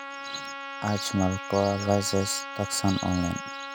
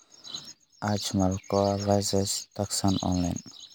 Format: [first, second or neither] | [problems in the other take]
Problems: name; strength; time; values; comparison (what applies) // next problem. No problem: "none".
second | background sound (Trumpet); 9 dB below the speech